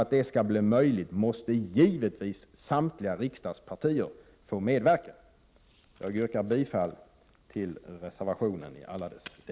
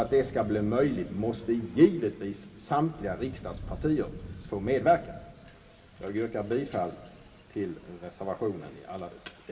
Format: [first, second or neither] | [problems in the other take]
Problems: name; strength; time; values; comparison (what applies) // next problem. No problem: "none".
first | background sound (Thunder / Rain); 16 dB below the speech // room echo; dies away in 2.9 s